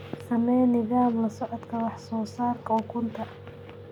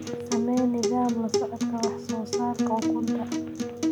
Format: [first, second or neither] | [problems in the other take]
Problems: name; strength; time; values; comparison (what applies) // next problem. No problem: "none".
first | background sound (Acoustic guitar); as loud as the speech